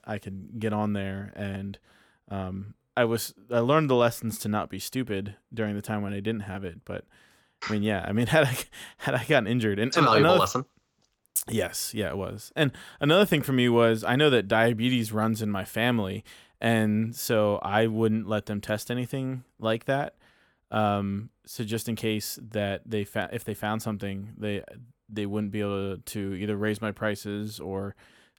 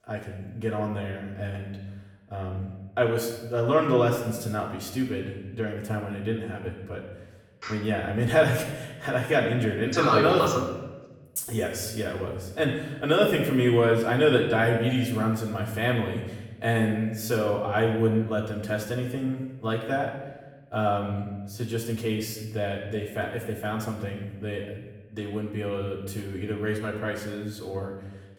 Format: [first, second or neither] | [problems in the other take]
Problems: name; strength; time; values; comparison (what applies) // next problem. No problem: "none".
first | off-mic speech; far // room echo; noticeable; dies away in 1 s